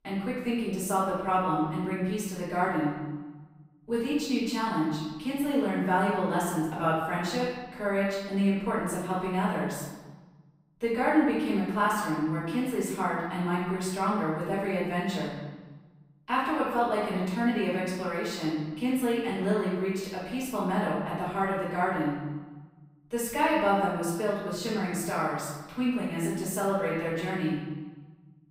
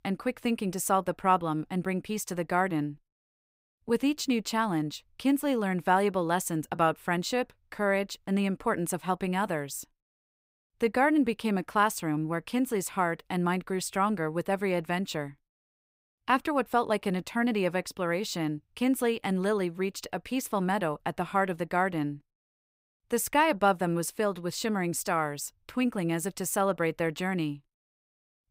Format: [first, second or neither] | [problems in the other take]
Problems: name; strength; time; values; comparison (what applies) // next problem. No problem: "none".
second | off-mic speech; far // room echo; noticeable; dies away in 1.2 s